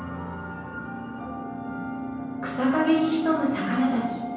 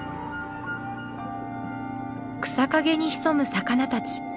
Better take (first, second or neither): second